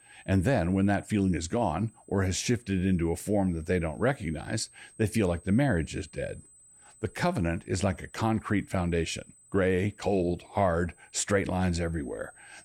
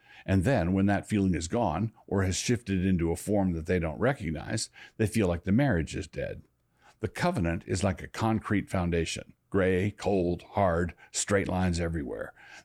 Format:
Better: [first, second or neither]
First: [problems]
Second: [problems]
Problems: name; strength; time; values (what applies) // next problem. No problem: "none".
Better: second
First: high-pitched whine; faint; throughout; 8 kHz, 25 dB below the speech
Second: none